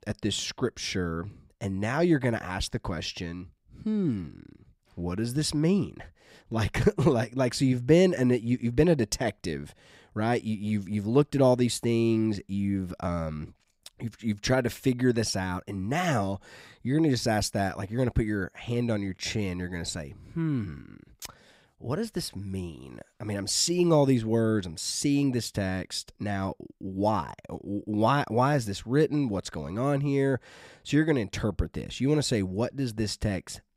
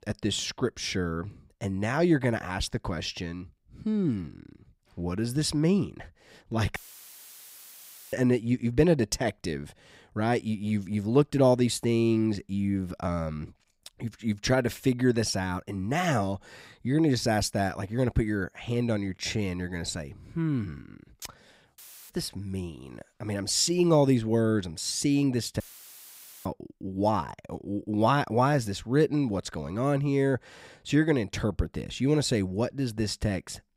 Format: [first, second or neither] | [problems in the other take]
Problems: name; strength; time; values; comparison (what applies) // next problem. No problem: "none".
first | audio cutting out; filled with static; at 7 s for 1.5 s, at 22 s and at 26 s for 1 s